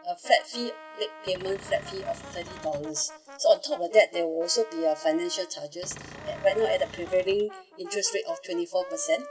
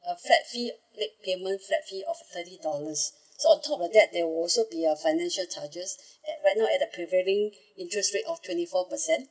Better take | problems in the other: second | background sound (Cupboard open or close / Door + Brass instrument); 16 dB below the speech

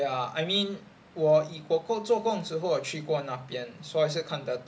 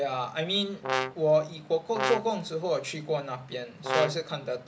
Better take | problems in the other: first | background sound (Brass instrument); 4 dB below the speech

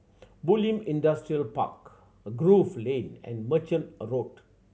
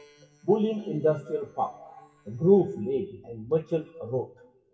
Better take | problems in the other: first | noise reduction (classical method WPE with log-MMSE)

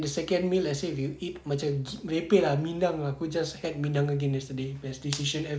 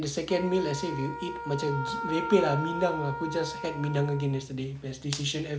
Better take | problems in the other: first | background sound (Wind instrument, woodwind instrument); 8 dB below the speech

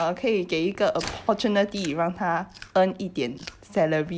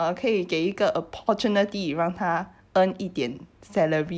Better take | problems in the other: second | background sound (Chewing, mastication + Gunshot, gunfire); 19 dB below the speech

